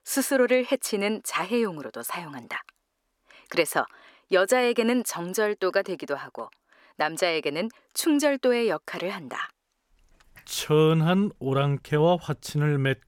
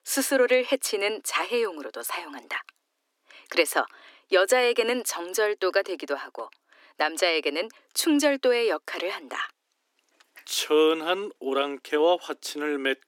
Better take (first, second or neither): first